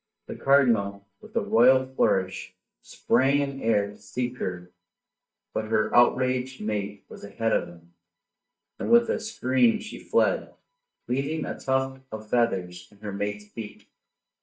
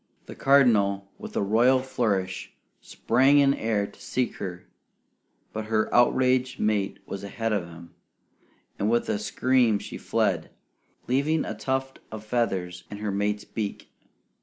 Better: second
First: noise reduction (neural mask model DeepFilterNet 3)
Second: none

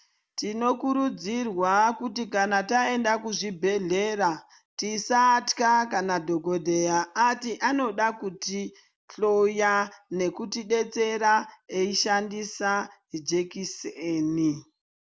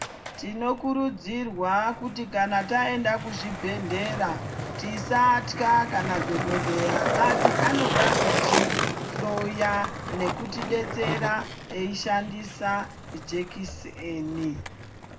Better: first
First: none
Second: background sound (Skateboard); 2 dB below the speech // room echo; dies away in 0.3 s

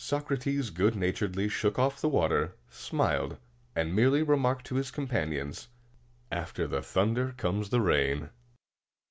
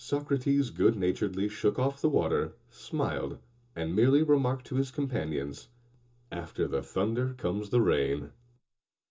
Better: first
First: none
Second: room echo; dies away in 0.2 s

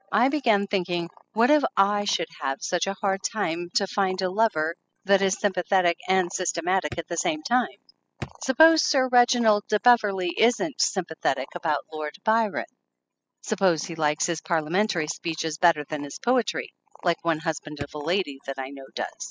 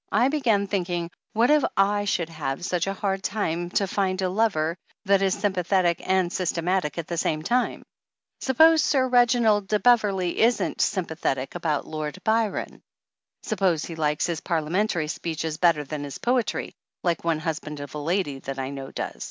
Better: second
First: noise reduction (classical method spectral subtraction)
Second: none

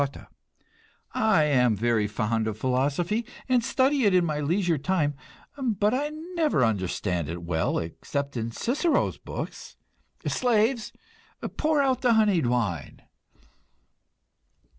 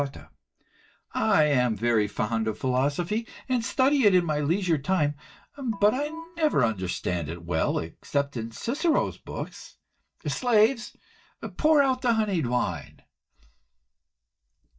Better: first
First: none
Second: noise reduction (neural mask model DeepFilterNet 3)

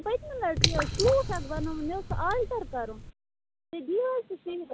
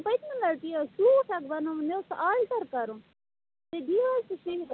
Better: second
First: background sound (Drip / Water); 1 dB below the speech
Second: none

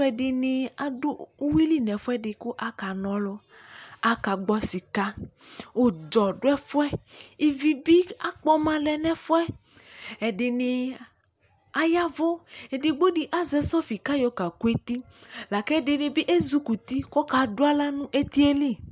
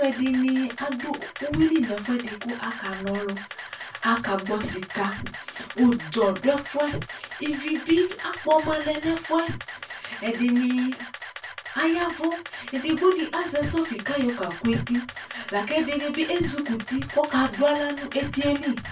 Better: first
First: none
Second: background sound (Camera); 13 dB below the speech // room echo; dies away in 0.2 s

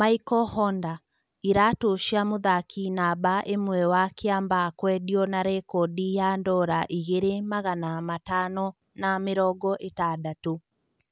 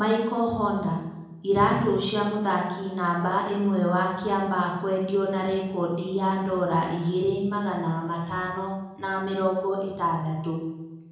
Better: first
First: none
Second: room echo; dies away in 0.9 s

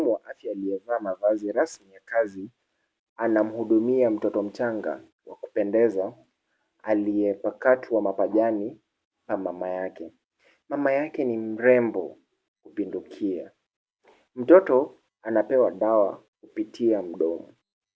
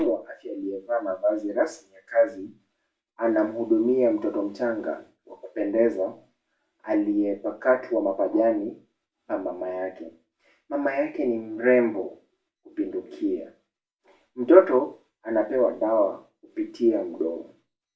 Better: first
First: none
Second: room echo; dies away in 0.3 s

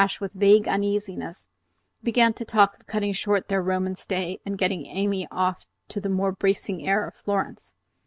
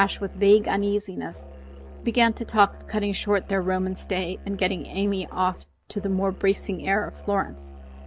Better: first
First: none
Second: background sound (Musical instrument); 16 dB below the speech

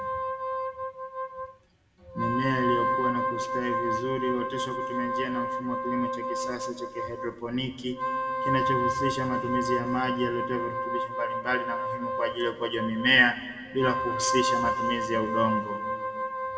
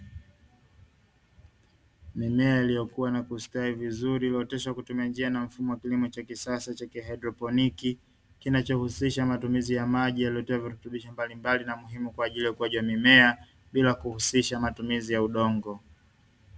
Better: second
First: background sound (Wind instrument, woodwind instrument); as loud as the speech // room echo; dies away in 1.5 s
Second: none

